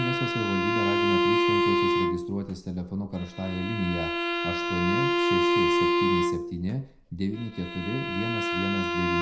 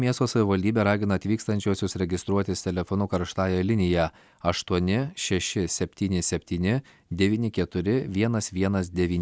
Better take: second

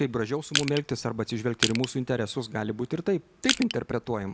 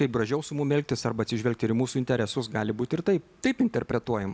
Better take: second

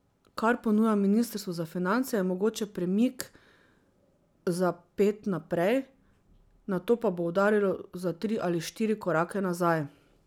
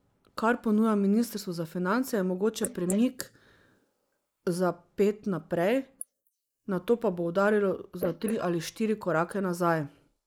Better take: first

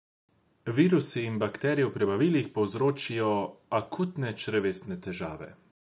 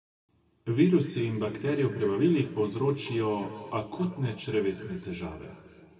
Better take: first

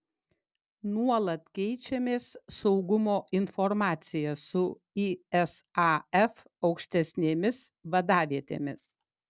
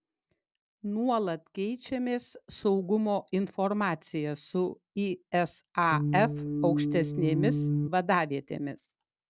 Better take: first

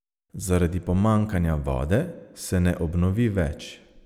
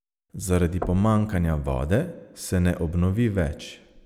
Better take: first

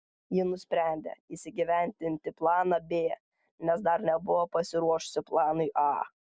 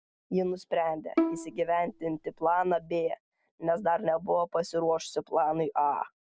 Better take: first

